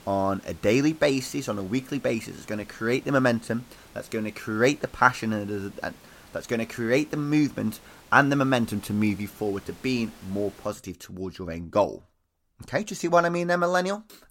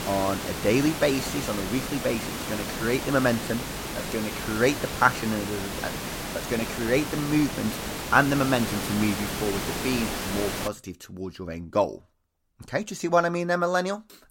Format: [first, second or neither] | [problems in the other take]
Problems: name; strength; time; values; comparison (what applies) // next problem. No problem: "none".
first | hiss; loud; until 11 s; 5 dB below the speech; faint in the first